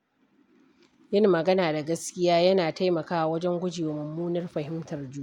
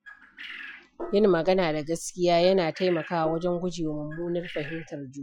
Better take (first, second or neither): first